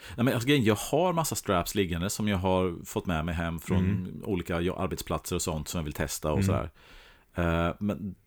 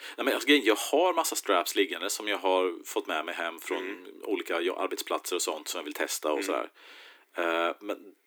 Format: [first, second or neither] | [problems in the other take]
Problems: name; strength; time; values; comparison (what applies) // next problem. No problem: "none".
first | thin; somewhat; fading below 300 Hz